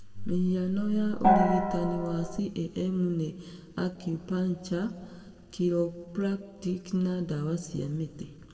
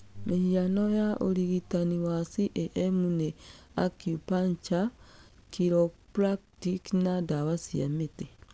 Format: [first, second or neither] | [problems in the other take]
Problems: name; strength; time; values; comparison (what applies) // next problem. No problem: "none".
second | background sound (Gong); 4 dB above the speech // room echo; dies away in 1.3 s